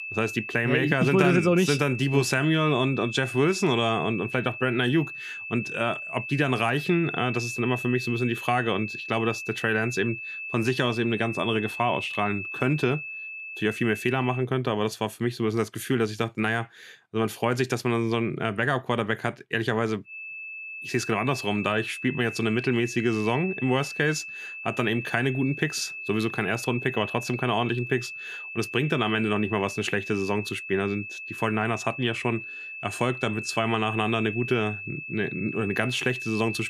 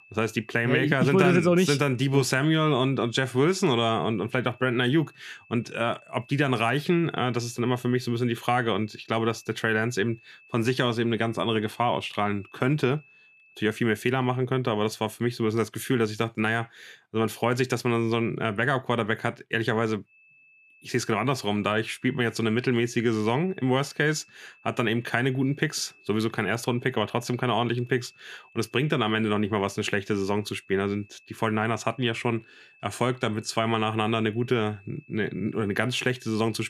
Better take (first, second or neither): second